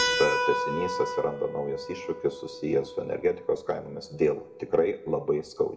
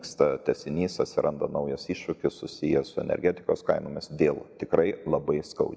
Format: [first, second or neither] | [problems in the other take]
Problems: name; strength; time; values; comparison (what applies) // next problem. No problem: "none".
second | background sound (Keyboard (musical)); 5 dB below the speech // room echo; dies away in 0.3 s